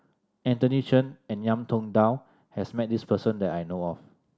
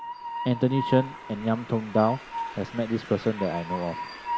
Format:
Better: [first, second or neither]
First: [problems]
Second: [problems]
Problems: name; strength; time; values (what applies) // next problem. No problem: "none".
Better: first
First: none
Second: background sound (Train); 8 dB below the speech